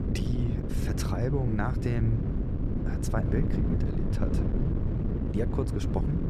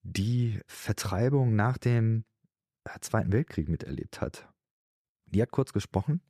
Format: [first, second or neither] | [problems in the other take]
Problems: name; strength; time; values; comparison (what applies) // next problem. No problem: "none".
second | wind noise on the microphone; heavy; 1 dB below the speech